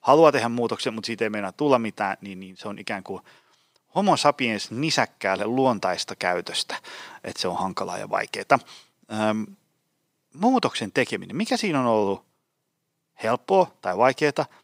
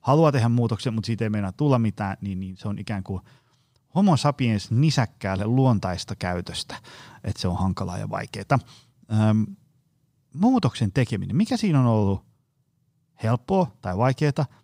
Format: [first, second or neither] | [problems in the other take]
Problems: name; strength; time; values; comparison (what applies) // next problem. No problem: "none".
second | thin; somewhat; fading below 400 Hz